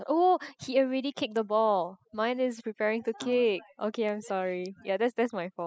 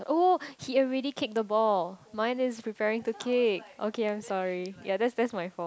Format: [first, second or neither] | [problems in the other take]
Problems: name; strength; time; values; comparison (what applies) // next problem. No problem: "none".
second | noise reduction (classical method spectral subtraction)